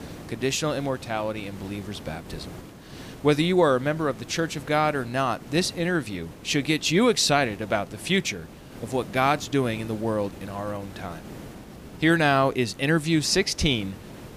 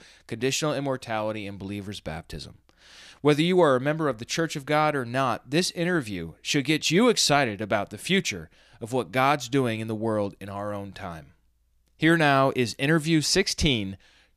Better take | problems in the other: second | hiss; noticeable; throughout; 20 dB below the speech

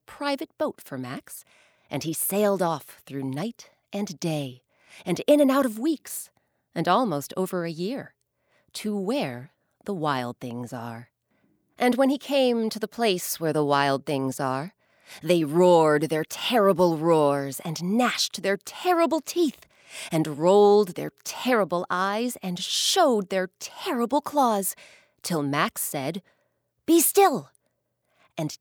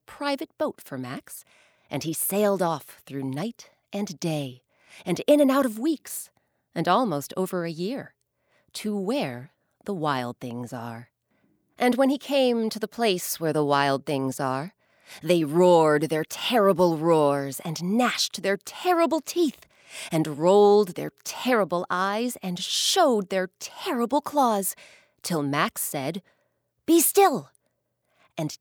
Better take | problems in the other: neither | none

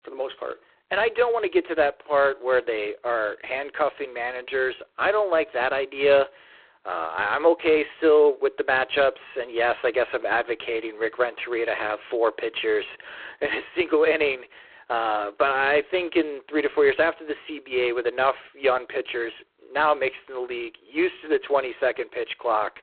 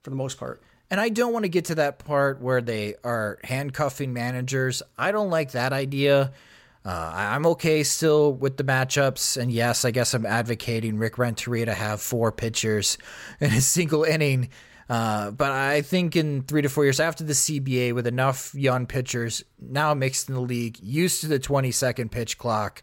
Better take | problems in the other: second | phone-call audio; poor line; nothing above 4 kHz

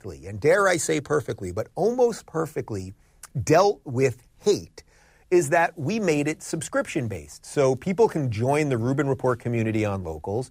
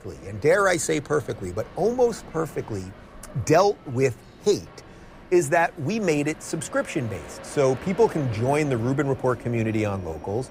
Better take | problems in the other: first | train or aircraft noise; noticeable; throughout; 20 dB below the speech

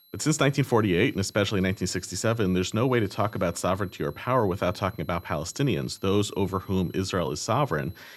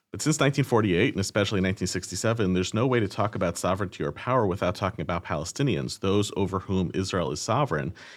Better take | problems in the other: second | high-pitched whine; faint; throughout; 4 kHz, 30 dB below the speech

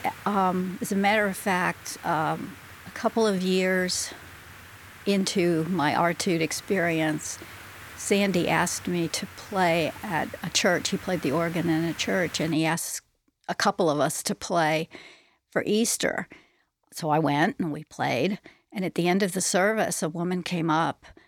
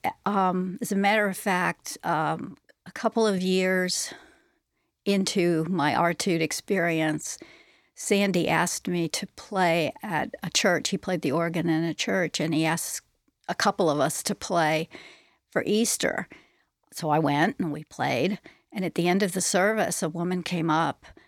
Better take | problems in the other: second | hiss; noticeable; until 13 s; 20 dB below the speech

